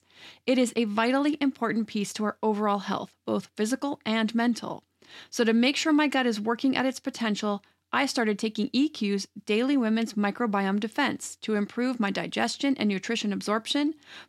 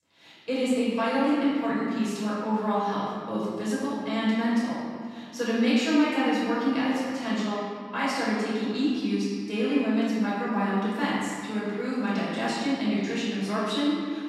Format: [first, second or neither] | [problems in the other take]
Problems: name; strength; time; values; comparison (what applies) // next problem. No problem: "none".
first | off-mic speech; far // room echo; strong; dies away in 2 s